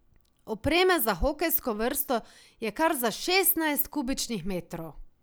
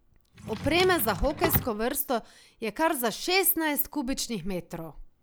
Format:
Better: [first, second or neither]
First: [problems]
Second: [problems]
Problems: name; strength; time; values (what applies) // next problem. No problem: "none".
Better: first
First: none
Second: background sound (Drawer open or close); 7 dB below the speech